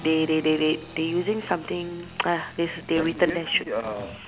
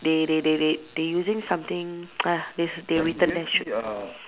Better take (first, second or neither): second